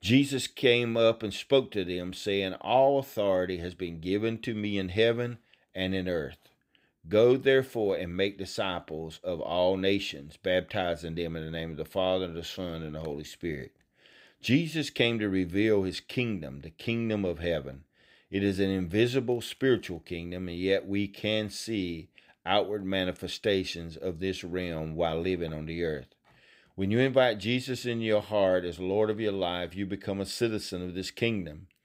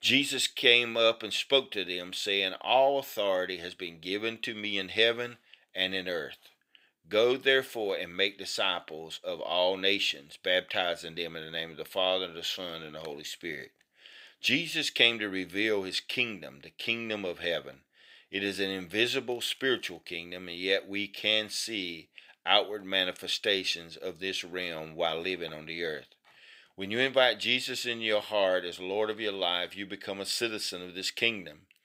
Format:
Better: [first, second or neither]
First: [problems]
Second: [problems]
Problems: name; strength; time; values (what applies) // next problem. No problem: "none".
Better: first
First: none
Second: thin; somewhat; fading below 1 kHz